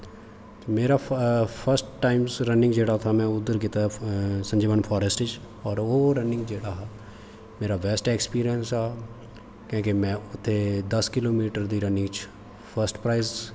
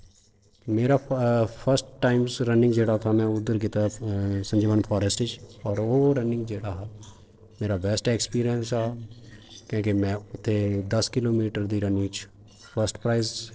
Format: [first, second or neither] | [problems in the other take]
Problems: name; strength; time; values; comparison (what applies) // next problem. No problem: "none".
first | noise reduction (neural separator model SepFormer DNS4)